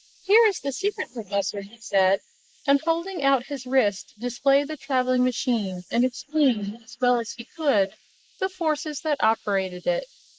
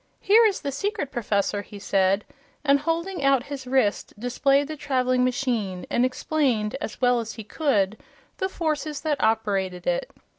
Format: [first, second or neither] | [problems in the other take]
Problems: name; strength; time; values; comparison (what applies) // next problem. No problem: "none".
second | noise reduction (neural mask model Resemble Enhance denoiser)